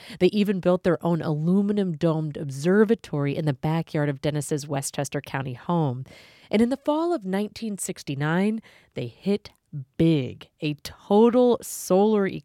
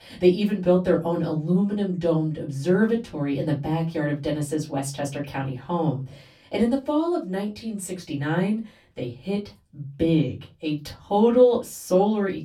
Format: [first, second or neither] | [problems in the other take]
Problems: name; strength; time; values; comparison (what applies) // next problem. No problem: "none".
first | off-mic speech; far // room echo; very slight; dies away in 0.2 s